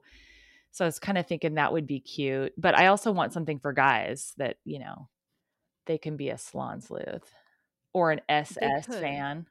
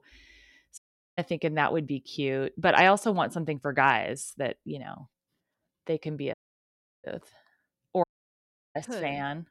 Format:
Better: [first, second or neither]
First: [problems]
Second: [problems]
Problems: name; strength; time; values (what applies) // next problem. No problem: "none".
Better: first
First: none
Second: audio cutting out; at 1 s, at 6.5 s for 0.5 s and at 8 s for 0.5 s